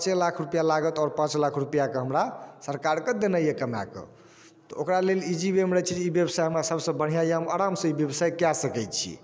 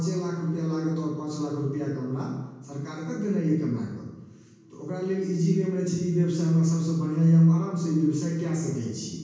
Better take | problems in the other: first | room echo; dies away in 1.2 s

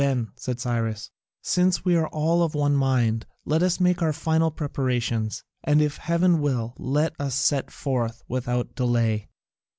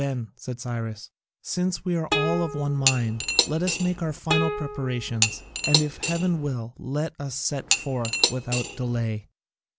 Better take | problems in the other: first | background sound (Cutlery, silverware / Dishes, pots, and pans + Plucked string instrument); as loud as the speech

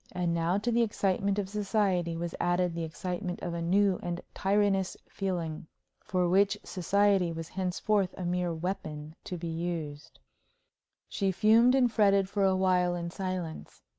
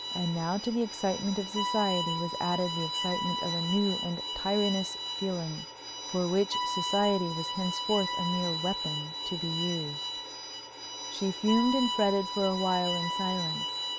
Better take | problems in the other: first | background sound (Bowed string instrument); 3 dB below the speech

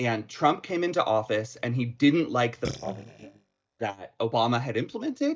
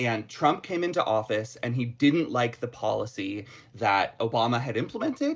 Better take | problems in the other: second | noise reduction (neural mask model DeepFilterNet 3)

